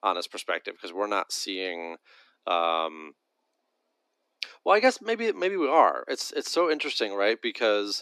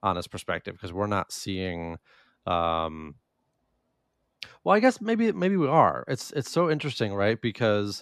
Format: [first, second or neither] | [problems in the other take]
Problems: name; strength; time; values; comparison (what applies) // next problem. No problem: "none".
second | thin; somewhat; fading below 300 Hz